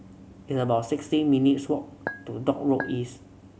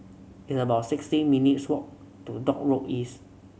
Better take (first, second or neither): second